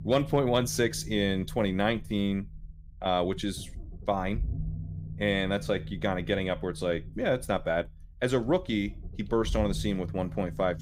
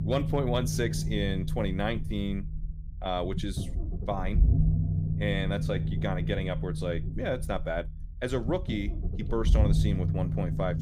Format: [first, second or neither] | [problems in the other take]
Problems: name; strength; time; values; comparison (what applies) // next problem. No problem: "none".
first | low rumble; loud; throughout; 9 dB below the speech; faint in the first